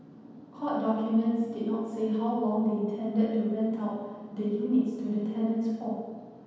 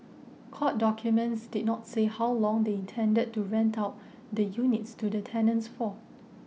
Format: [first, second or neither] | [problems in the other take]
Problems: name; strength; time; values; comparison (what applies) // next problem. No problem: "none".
second | room echo; dies away in 1.2 s